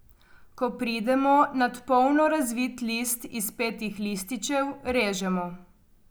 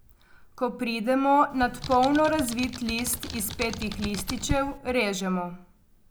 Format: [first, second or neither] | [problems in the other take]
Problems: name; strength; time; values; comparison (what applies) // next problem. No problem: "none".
first | background sound (Computer keyboard); 9 dB below the speech